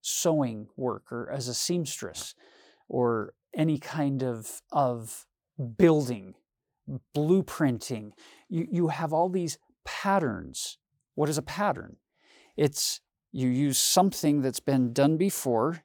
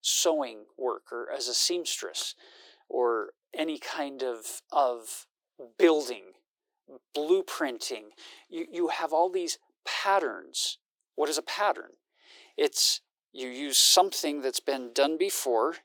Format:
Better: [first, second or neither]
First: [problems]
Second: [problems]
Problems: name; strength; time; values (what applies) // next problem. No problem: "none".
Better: first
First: none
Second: thin; very; fading below 350 Hz